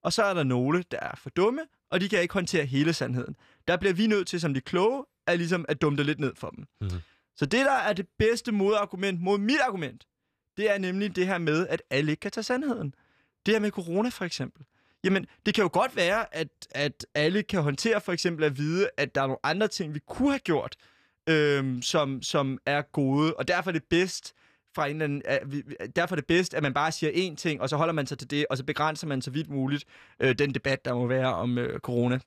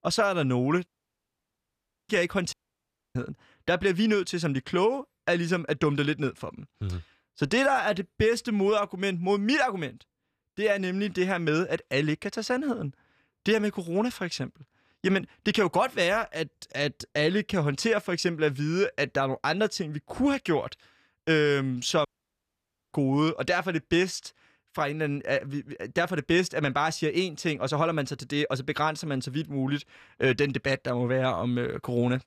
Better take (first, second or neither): first